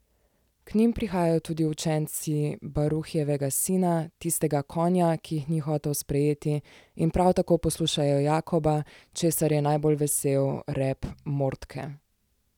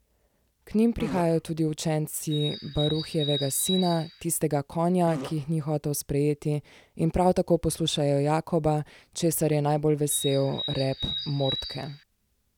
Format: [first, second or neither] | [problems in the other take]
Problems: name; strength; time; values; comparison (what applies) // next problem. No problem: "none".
first | background sound (Fart + Bird); 9 dB below the speech